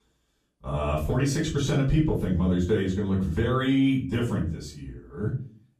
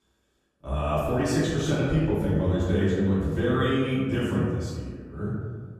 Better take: first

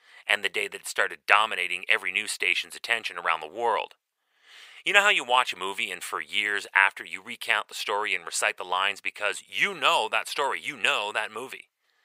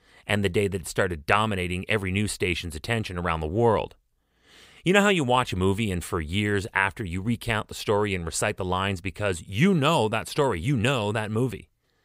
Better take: second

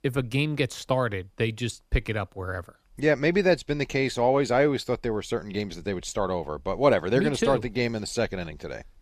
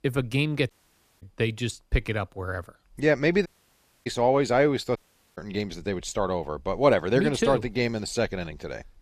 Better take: first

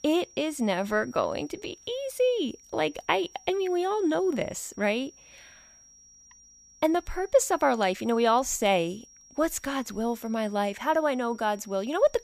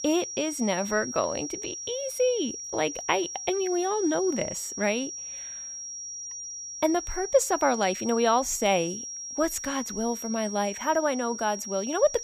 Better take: first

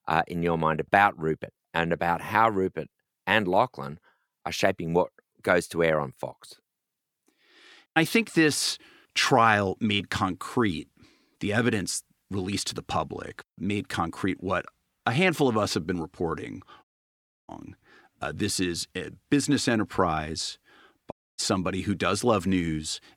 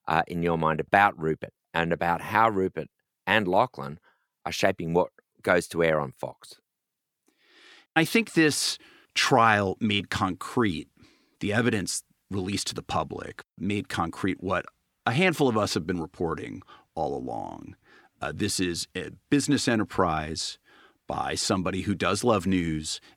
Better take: second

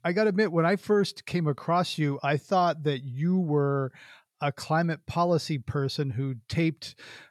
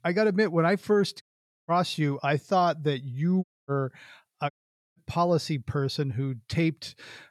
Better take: first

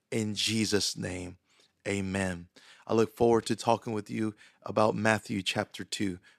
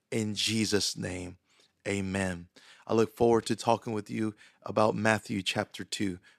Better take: neither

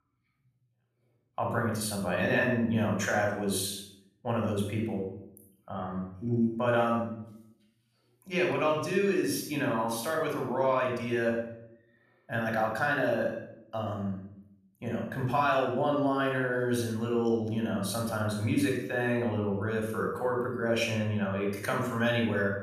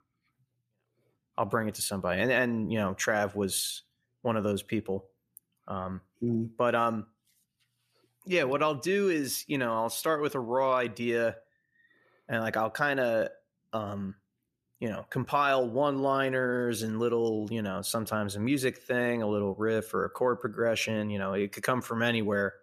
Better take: second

